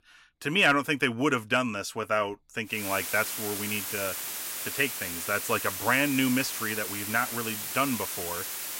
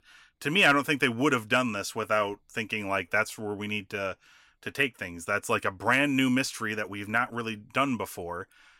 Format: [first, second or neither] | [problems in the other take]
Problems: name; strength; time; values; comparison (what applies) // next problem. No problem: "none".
second | hiss; loud; from 3 s on; 4 dB below the speech